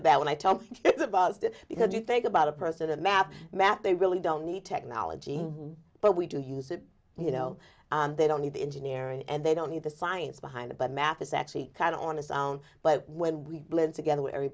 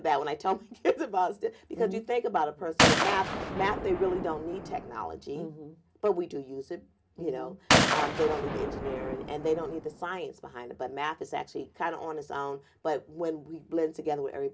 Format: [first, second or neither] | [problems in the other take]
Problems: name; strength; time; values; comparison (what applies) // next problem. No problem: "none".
first | background sound (Gunshot, gunfire); 2 dB above the speech // room echo; dies away in 0.3 s